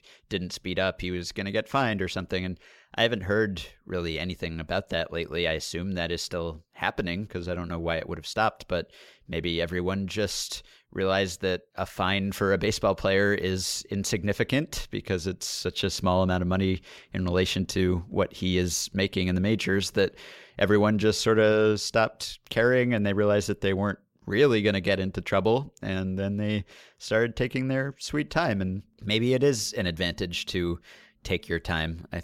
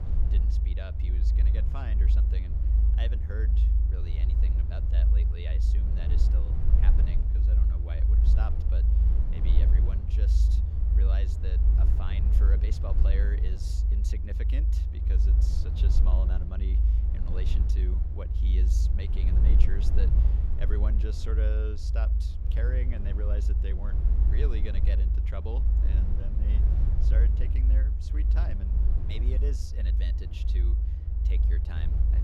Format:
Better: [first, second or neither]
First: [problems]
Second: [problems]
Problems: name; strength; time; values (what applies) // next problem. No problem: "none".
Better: first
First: none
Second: low rumble; loud; throughout; as loud as the speech